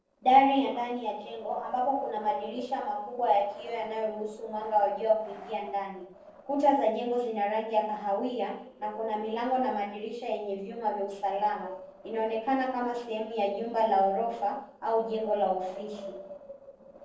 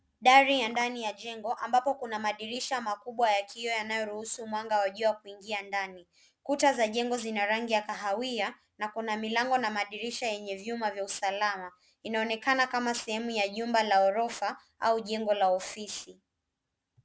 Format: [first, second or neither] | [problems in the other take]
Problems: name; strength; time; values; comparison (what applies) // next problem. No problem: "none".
second | noise reduction (neural separator model SepFormer DNS4)